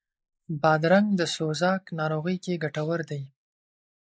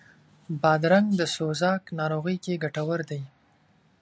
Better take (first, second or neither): second